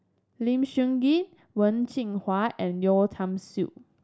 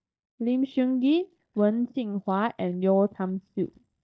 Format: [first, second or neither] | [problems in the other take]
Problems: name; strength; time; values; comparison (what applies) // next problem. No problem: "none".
first | noise reduction (neural mask model DeepFilterNet 3)